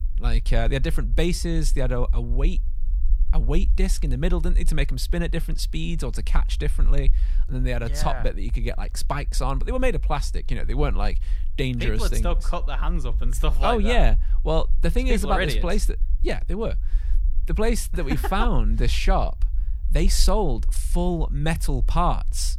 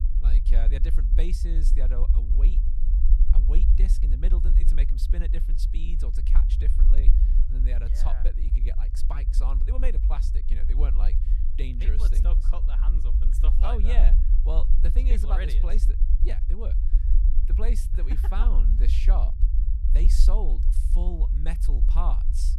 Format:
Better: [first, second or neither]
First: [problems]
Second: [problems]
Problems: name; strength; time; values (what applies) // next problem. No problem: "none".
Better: first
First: low rumble; faint; throughout; 25 dB below the speech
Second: low rumble; loud; throughout; 6 dB below the speech